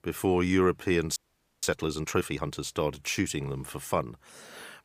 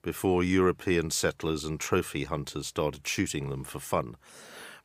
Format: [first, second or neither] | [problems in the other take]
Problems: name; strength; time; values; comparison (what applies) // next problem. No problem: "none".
second | audio freezing; at 1 s